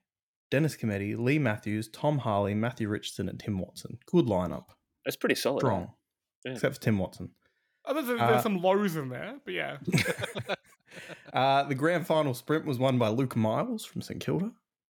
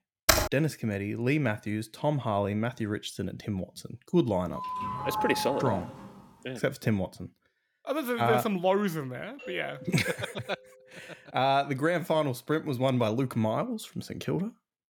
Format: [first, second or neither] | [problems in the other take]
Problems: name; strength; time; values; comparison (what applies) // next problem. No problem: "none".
first | keyboard typing; loud; at 0.5 s; peak 6 dB above the speech // doorbell; noticeable; from 4.5 to 6 s; peak 2 dB below the speech // doorbell; faint; from 9.5 to 11 s; peak 15 dB below the speech